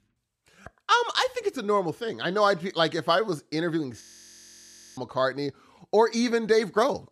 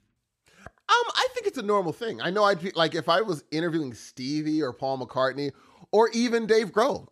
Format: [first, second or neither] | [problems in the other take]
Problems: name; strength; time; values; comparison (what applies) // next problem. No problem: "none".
second | audio freezing; at 4 s for 1 s